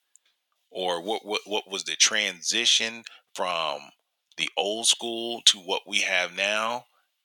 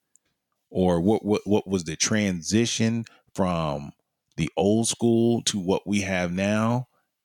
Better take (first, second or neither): second